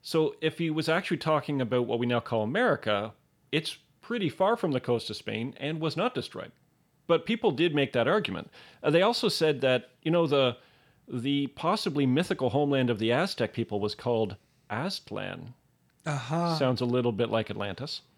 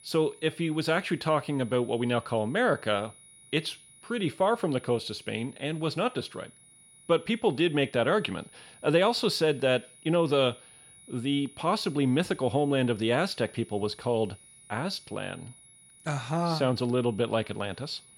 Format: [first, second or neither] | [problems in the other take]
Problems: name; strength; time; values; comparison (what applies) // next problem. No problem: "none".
first | high-pitched whine; faint; throughout; 10.5 kHz, 25 dB below the speech